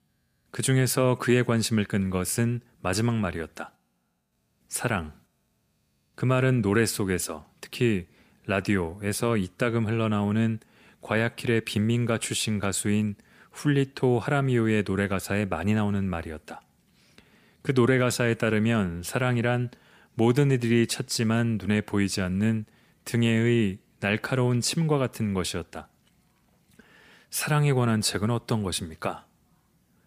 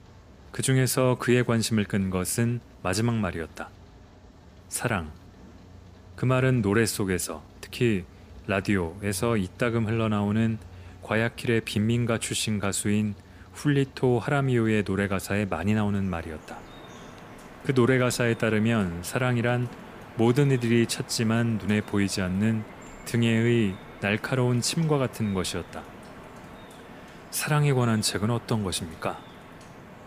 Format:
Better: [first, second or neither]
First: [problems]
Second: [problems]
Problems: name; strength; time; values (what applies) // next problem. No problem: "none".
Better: first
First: none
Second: rain or running water; faint; throughout; 20 dB below the speech